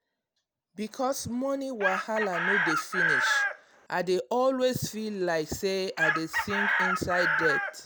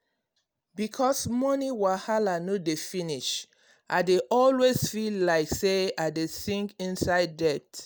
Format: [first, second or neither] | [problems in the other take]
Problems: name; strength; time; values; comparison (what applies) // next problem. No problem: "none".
second | background sound (Chicken, rooster); as loud as the speech